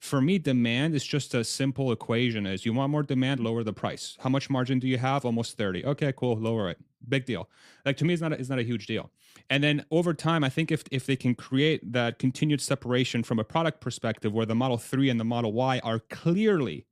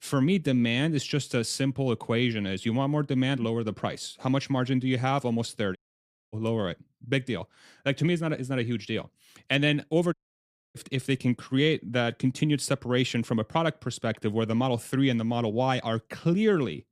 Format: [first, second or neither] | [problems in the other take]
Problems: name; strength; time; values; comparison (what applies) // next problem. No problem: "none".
first | audio cutting out; at 6 s for 0.5 s and at 10 s for 0.5 s